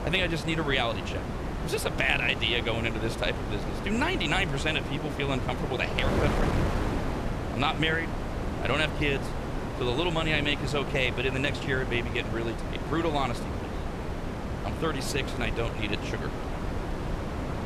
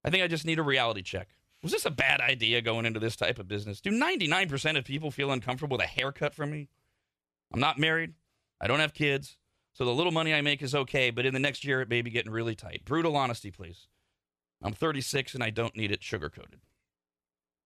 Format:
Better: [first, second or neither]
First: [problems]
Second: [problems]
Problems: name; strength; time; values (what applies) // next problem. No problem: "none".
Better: second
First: wind noise on the microphone; heavy; 7 dB below the speech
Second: none